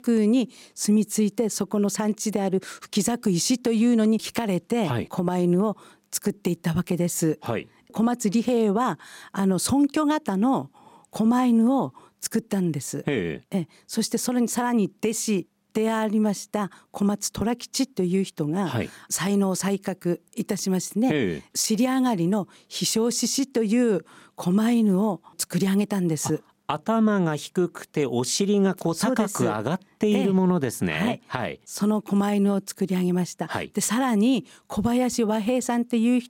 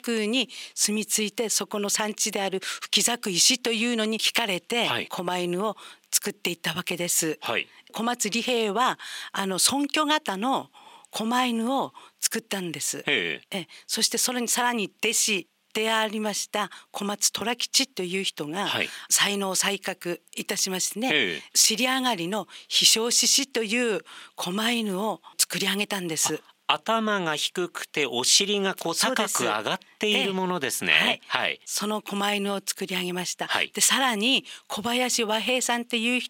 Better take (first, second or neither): first